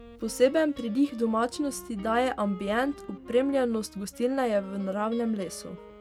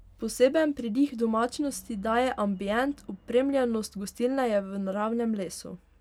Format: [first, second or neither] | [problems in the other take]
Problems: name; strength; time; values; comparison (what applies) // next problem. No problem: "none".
second | background sound (Guitar + Wind instrument, woodwind instrument); 19 dB below the speech